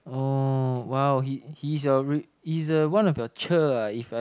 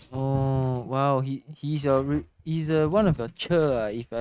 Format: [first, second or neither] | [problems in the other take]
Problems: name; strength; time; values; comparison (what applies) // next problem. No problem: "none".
first | noise reduction (neural mask model RNNoise)